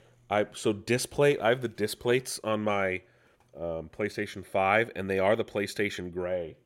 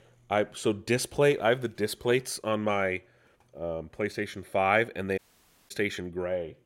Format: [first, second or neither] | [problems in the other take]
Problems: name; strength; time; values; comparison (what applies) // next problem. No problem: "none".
first | audio cutting out; at 5 s for 0.5 s